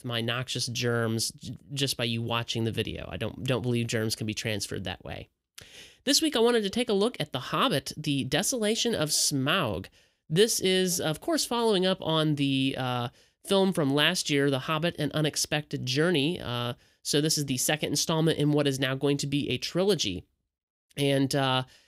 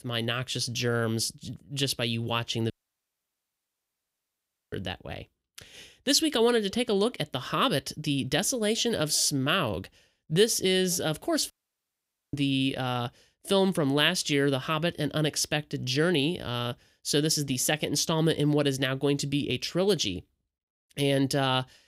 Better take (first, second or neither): first